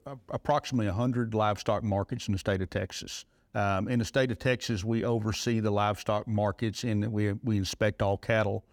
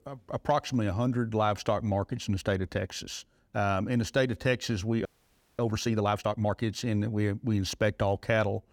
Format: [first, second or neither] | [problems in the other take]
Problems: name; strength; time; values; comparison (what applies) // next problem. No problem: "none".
first | audio freezing; at 5 s for 0.5 s